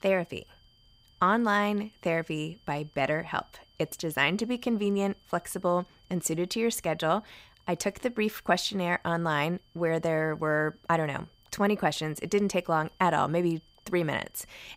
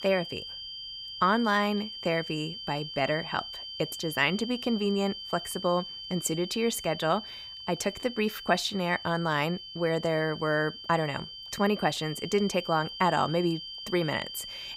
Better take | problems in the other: first | high-pitched whine; loud; throughout; 3 kHz, 9 dB below the speech; faint in the first

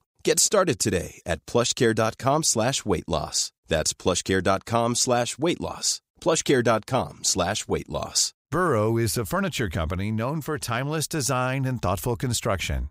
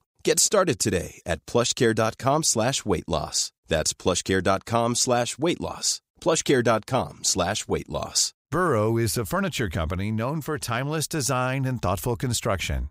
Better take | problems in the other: neither | none

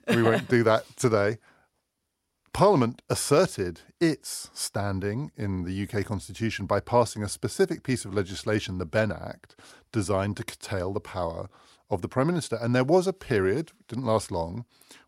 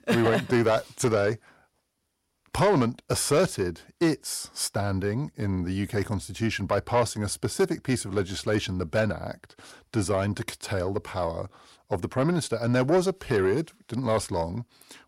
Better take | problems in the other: first | distortion; slight; 10 dB below the speech

